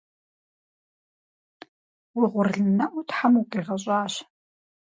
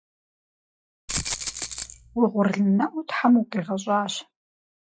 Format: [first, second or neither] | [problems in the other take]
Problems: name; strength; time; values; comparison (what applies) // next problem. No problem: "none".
first | noise reduction (classical method log-MMSE)